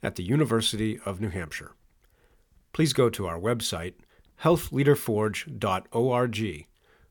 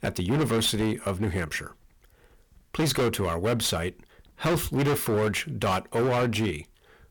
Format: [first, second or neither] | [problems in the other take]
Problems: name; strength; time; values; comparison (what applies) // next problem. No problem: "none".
first | distortion; heavy; 17% of the sound clipped